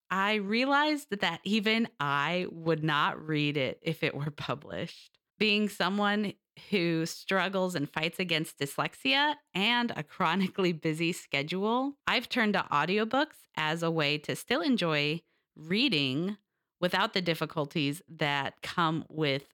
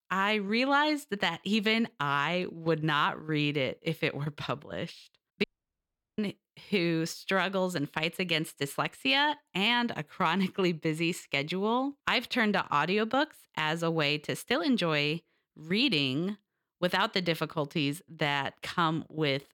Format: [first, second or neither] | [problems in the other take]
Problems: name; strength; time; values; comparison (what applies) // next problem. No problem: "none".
first | audio cutting out; at 5.5 s for 0.5 s